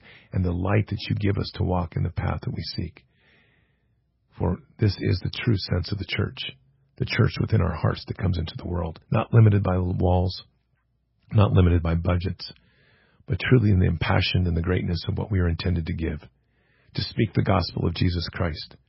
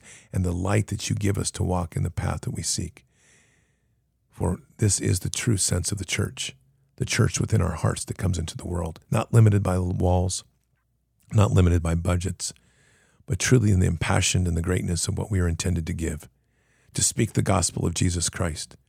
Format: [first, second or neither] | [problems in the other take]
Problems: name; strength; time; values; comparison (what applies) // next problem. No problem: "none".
second | garbled, watery; badly; nothing above 5.5 kHz